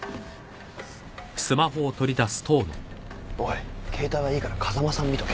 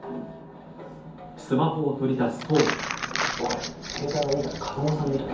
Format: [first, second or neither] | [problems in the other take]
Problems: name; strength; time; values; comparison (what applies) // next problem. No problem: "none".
first | background sound (Crumpling, crinkling); 6 dB below the speech // room echo; dies away in 0.6 s